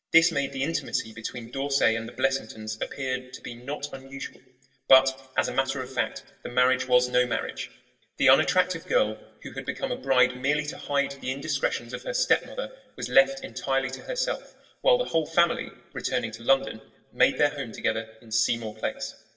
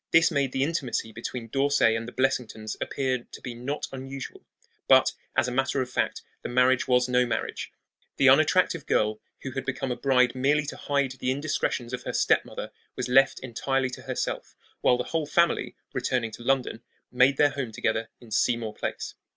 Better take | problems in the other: second | room echo; dies away in 0.8 s

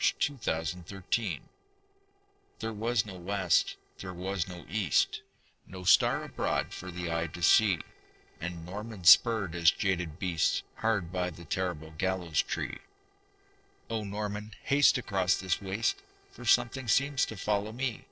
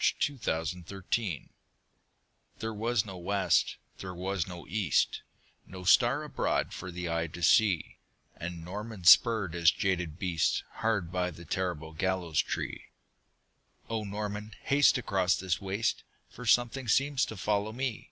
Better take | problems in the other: second | noise reduction (neural separator model SepFormer DNS4)

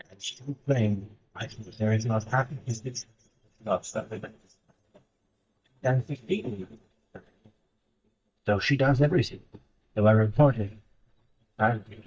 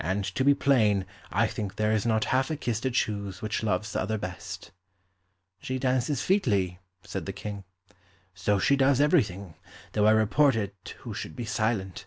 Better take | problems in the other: second | noise reduction (neural mask model DeepFilterNet 3)

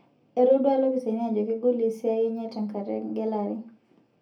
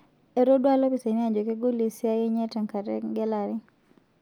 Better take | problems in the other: second | room echo; dies away in 0.3 s

